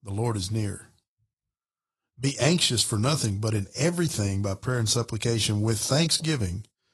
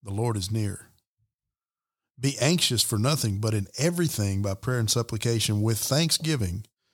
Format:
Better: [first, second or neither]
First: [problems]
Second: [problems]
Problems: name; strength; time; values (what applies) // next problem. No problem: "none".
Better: second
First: garbled, watery; slightly; nothing above 11.5 kHz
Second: none